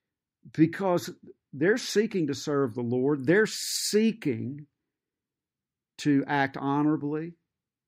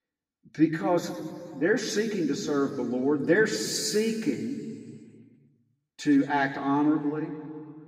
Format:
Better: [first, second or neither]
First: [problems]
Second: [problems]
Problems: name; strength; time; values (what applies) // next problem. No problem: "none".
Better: first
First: none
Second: room echo; noticeable; dies away in 1.7 s // off-mic speech; far